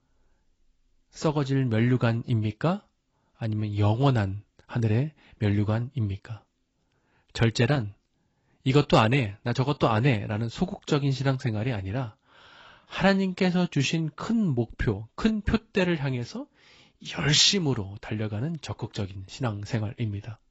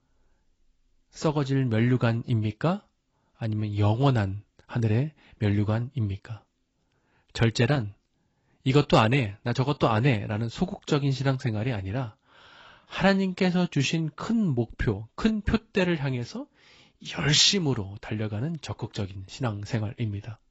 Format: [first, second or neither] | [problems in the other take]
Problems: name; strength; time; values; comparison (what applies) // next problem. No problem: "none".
neither | garbled, watery; badly; nothing above 7.5 kHz; the same in both